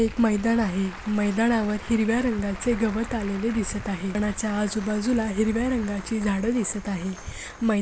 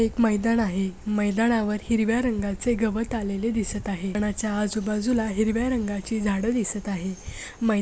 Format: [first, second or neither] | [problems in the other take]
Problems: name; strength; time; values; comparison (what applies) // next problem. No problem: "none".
second | background sound (Applause); 17 dB below the speech